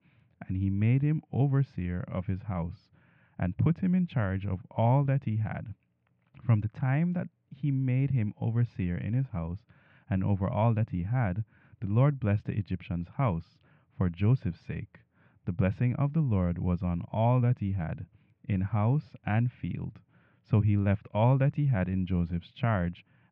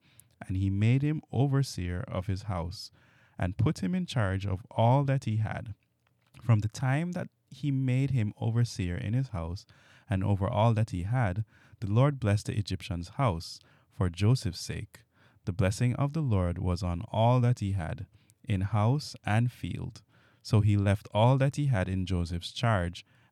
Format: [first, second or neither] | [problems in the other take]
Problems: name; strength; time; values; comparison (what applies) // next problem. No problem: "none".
second | muffled; very; fading above 2.5 kHz